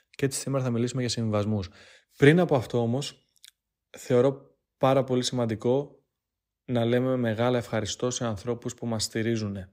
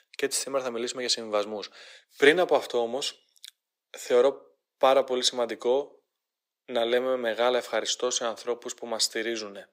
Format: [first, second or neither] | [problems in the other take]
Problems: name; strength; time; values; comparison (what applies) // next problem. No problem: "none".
first | thin; very; fading below 400 Hz